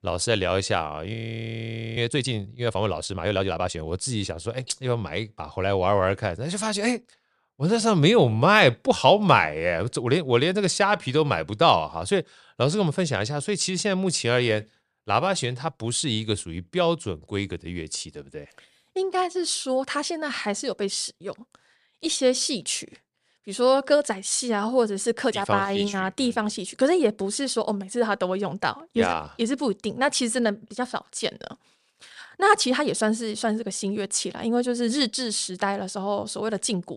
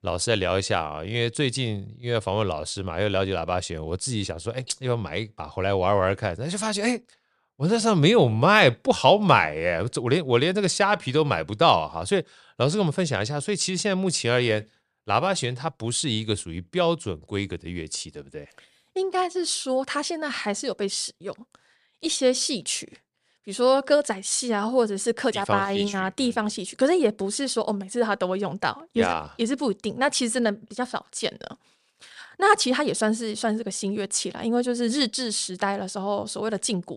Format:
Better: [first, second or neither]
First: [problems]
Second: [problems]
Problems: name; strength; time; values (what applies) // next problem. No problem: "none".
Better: second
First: audio freezing; at 1 s for 1 s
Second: none